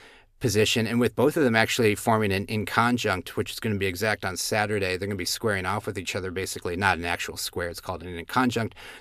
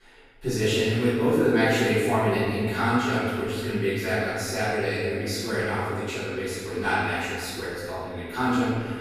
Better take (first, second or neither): first